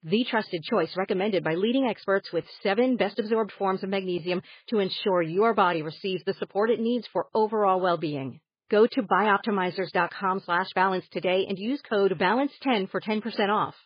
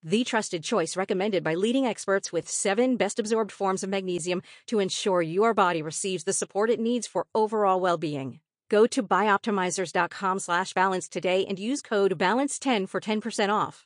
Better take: second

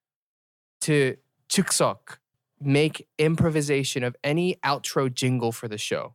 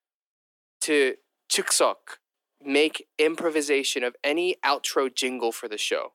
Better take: first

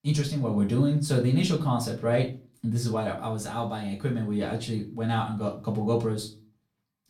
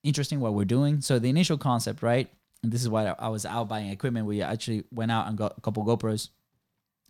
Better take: second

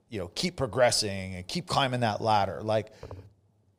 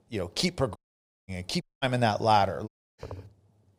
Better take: first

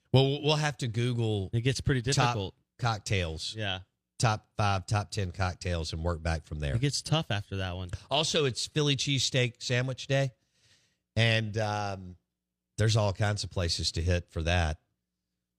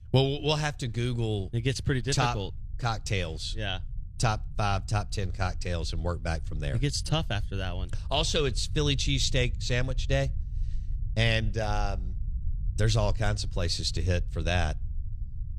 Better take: first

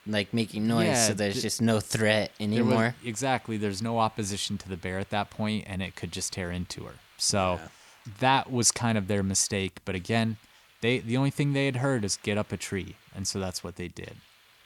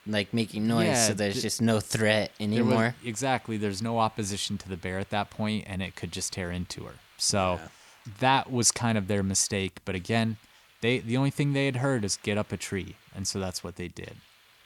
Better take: neither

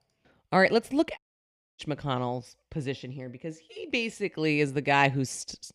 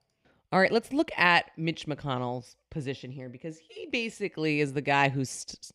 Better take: second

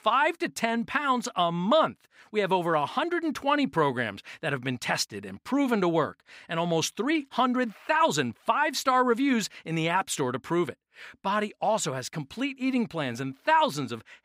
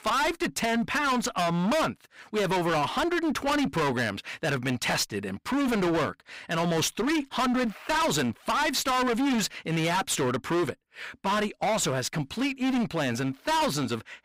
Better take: first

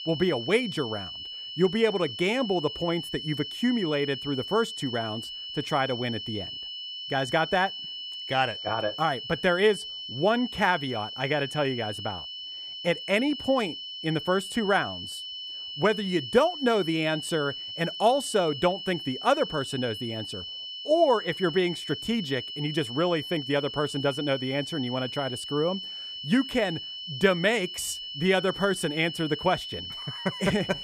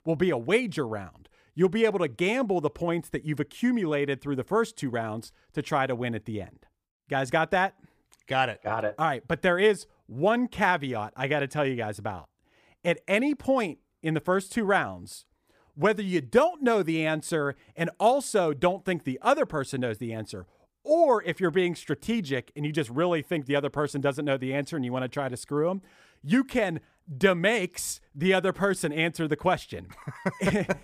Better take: second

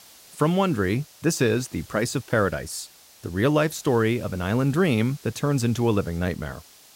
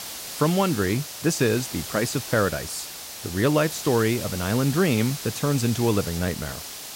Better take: first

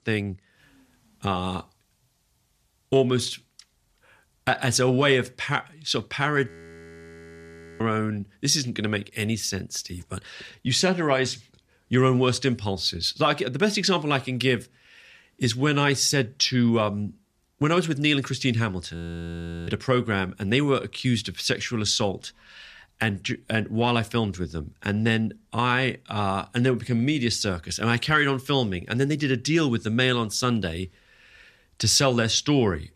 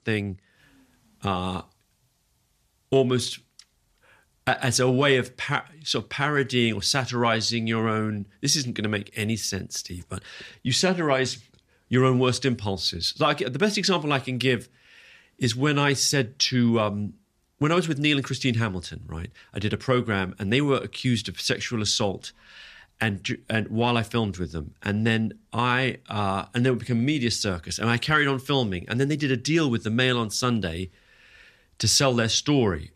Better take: second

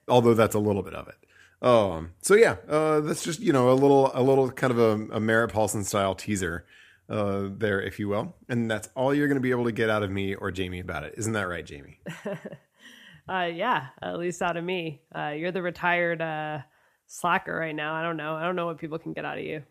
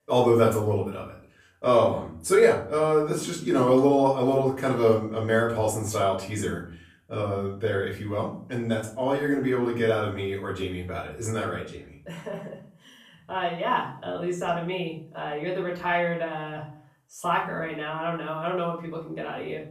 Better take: first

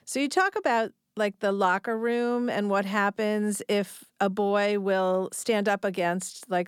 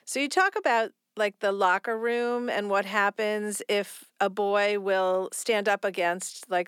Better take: first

